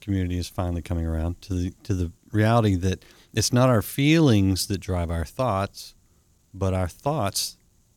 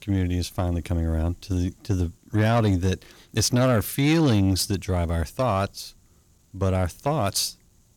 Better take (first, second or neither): first